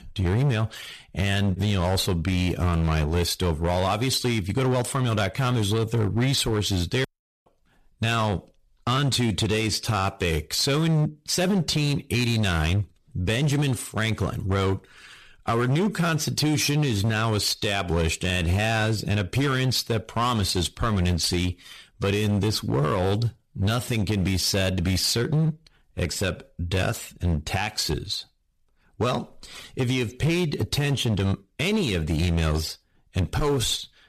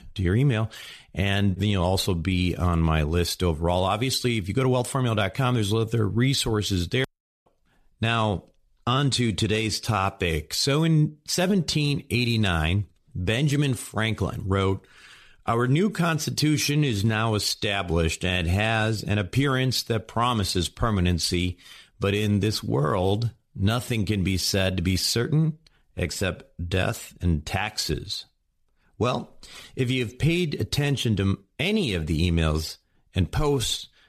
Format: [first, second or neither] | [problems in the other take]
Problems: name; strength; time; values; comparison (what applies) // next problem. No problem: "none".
second | distortion; slight; 12% of the sound clipped